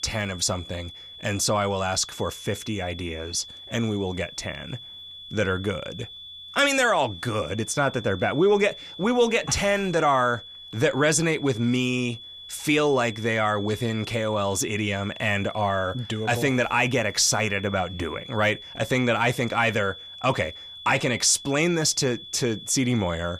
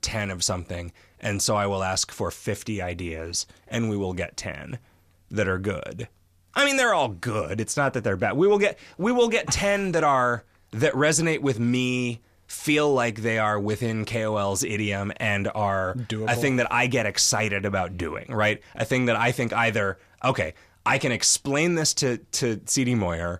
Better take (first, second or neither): second